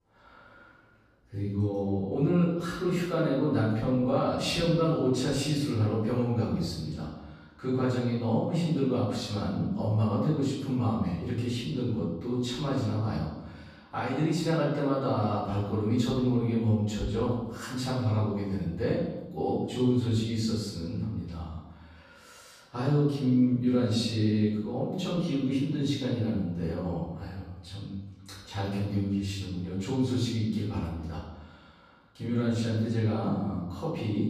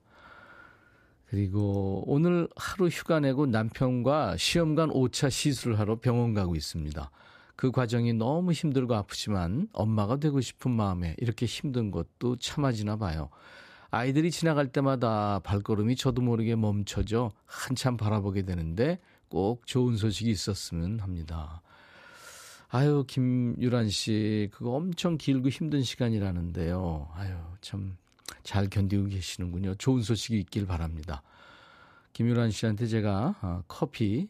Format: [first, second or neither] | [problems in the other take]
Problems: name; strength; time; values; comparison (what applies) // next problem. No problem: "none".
second | room echo; noticeable; dies away in 0.9 s // off-mic speech; far